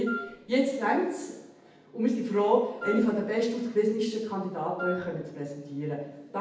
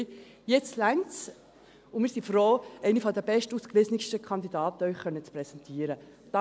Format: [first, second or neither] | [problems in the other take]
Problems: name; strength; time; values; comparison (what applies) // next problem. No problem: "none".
second | background sound (Wind instrument, woodwind instrument); 11 dB below the speech // room echo; dies away in 0.8 s